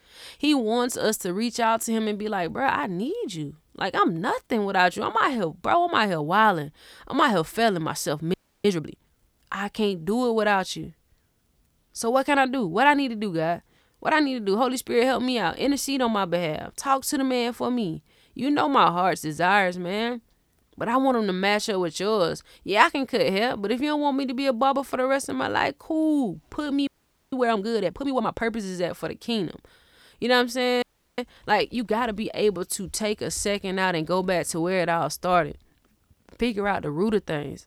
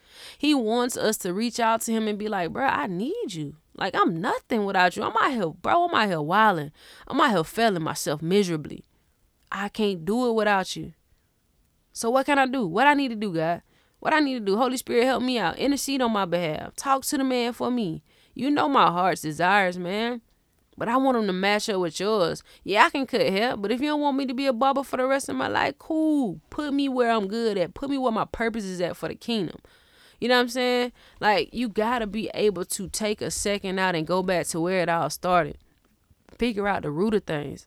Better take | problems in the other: second | audio freezing; at 8.5 s, at 27 s and at 31 s

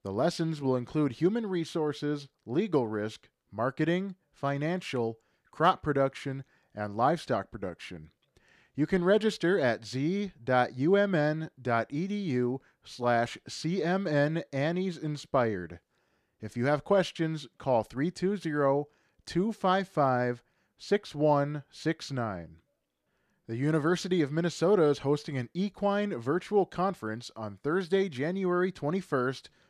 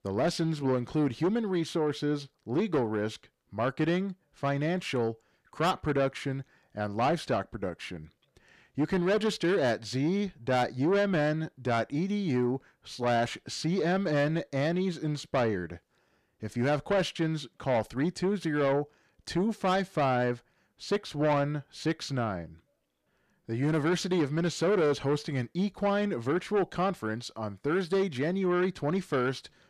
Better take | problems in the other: first | distortion; slight; 10 dB below the speech

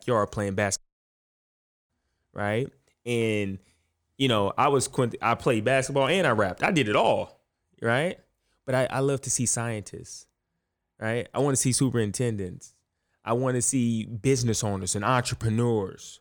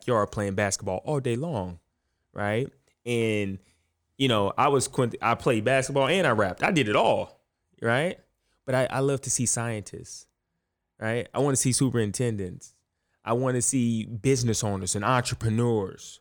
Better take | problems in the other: second | audio cutting out; at 1 s for 1 s

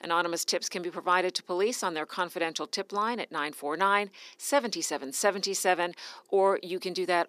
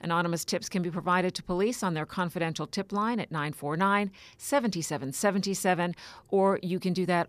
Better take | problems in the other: second | thin; somewhat; fading below 300 Hz

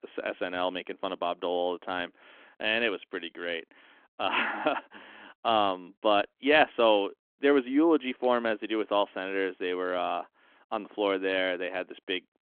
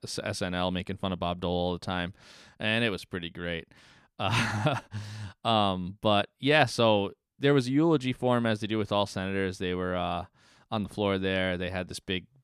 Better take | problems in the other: second | phone-call audio

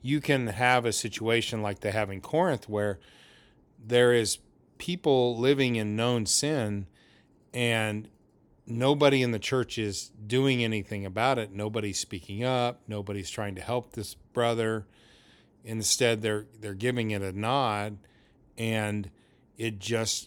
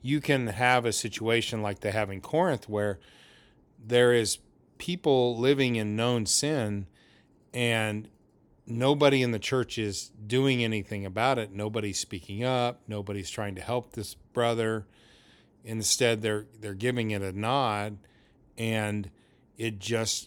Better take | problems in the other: neither | none

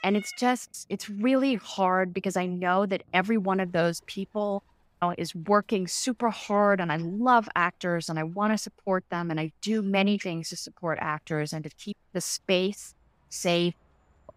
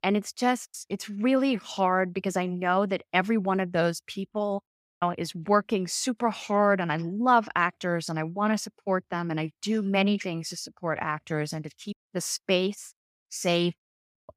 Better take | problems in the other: second | animal sounds; faint; throughout; 30 dB below the speech

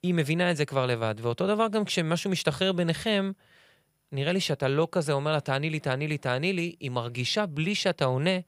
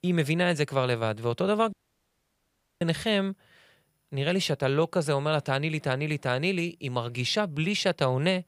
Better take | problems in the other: first | audio cutting out; at 1.5 s for 1 s

